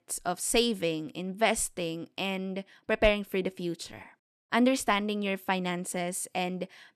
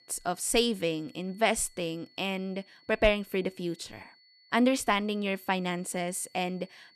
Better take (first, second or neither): first